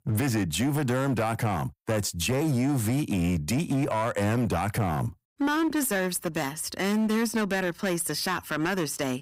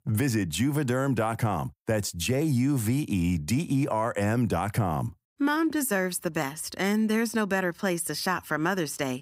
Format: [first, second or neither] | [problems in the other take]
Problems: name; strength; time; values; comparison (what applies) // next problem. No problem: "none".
second | distortion; slight; 17% of the sound clipped